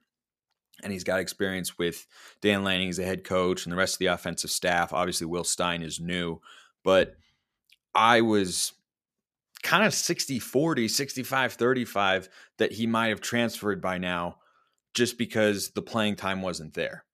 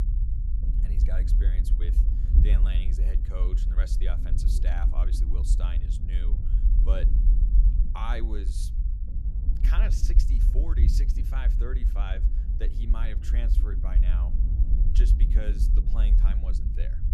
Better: first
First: none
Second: low rumble; loud; throughout; 4 dB below the speech

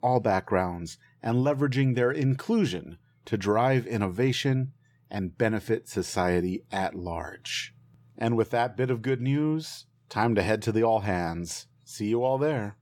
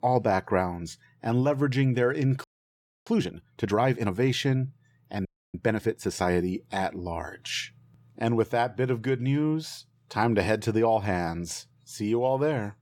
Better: first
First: none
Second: audio freezing; at 2.5 s for 0.5 s and at 5.5 s

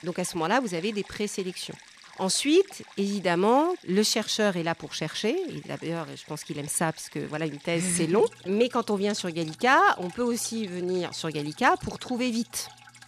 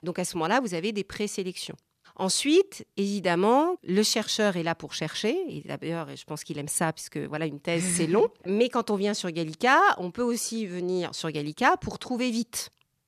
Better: second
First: rain or running water; faint; throughout; 20 dB below the speech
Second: none

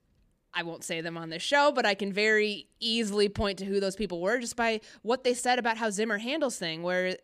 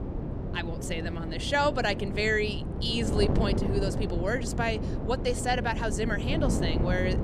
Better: first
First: none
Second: wind noise on the microphone; heavy; 8 dB below the speech

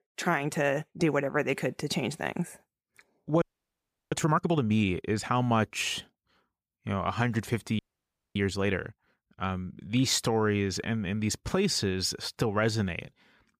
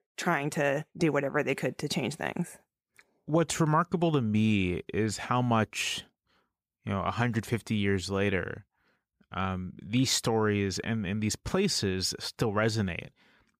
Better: second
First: audio freezing; at 3.5 s for 0.5 s and at 8 s for 0.5 s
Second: none

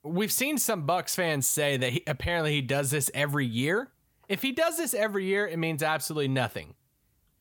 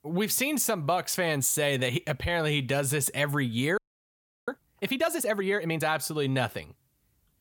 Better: first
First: none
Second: audio freezing; at 4 s for 0.5 s

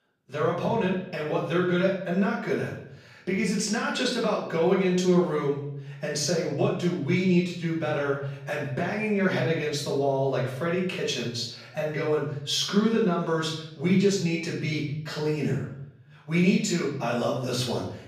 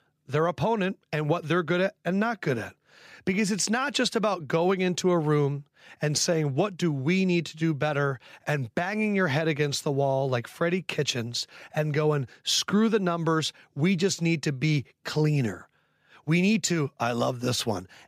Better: second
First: off-mic speech; far // room echo; noticeable; dies away in 0.7 s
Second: none

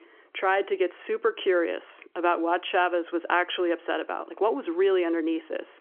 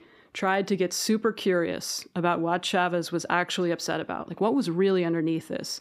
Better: second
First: phone-call audio; nothing above 3.5 kHz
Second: none

